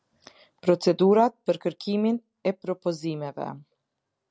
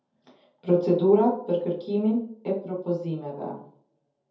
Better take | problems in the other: first | room echo; dies away in 0.5 s

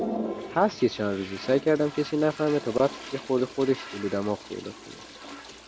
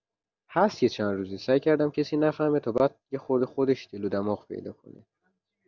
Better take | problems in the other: second | background sound (Toilet flush); 11 dB below the speech

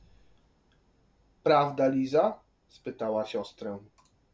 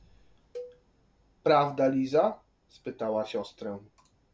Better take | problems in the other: first | background sound (Cowbell); 19 dB below the speech

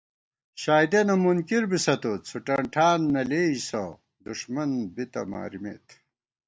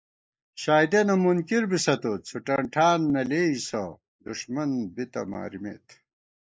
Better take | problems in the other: first | noise reduction (neural mask model Resemble Enhance denoiser)

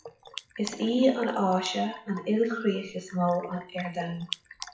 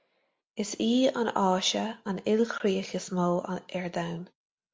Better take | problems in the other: second | noise reduction (classical method WPE with log-MMSE)

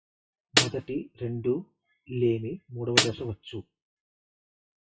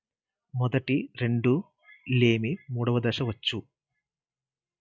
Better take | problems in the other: second | noise reduction (classical method WPE with log-MMSE)

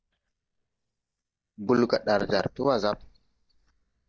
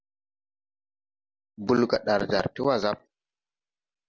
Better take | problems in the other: second | noise reduction (neural mask model DeepFilterNet 3)

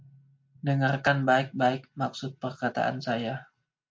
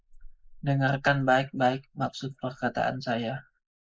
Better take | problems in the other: first | noise reduction (neural mask model Resemble Enhance denoiser)

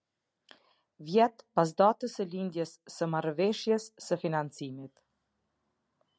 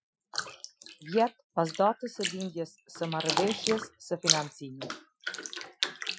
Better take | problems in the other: first | noise reduction (classical method Wiener filter)

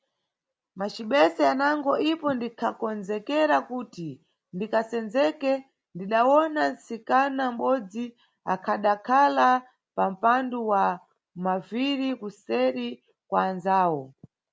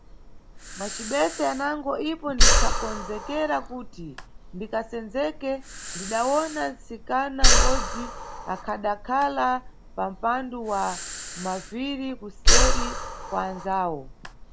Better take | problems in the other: first | background sound (Breathing); 4 dB above the speech

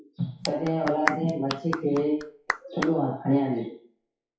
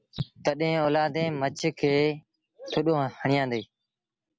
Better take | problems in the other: second | noise reduction (classical method WPE with log-MMSE)

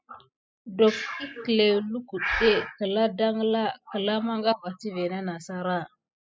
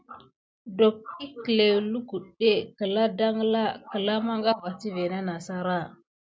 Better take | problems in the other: second | noise reduction (classical method spectral subtraction)

